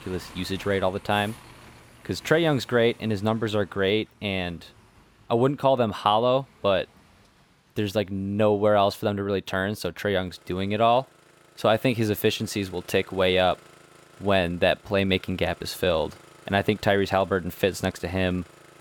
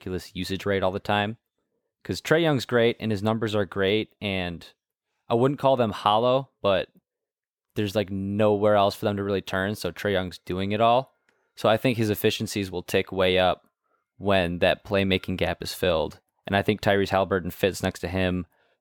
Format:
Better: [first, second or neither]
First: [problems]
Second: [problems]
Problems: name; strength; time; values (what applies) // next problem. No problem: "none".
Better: second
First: traffic noise; faint; throughout; 25 dB below the speech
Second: none